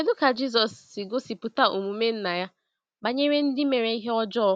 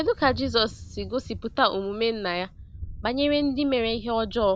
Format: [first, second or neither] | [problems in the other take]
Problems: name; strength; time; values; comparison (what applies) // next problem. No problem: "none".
first | background sound (Thunder); 14 dB below the speech